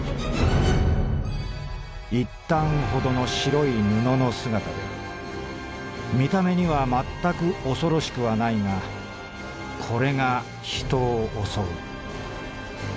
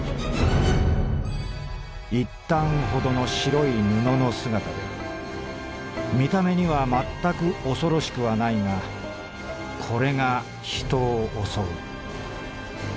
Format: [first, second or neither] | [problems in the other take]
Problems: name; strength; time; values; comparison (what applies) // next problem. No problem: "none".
first | background sound (Plucked string instrument); 17 dB below the speech